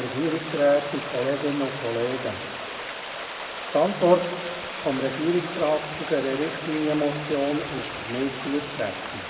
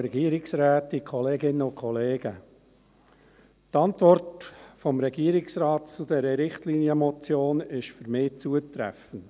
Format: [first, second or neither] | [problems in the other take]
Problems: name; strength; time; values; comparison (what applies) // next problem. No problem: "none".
second | background sound (Stream); 8 dB below the speech // room echo; dies away in 1 s